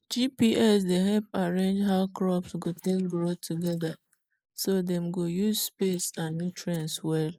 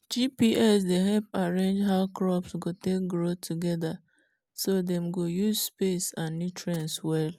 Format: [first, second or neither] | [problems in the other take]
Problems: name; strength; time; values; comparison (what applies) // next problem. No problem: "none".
second | noise reduction (neural mask model Resemble Enhance denoiser)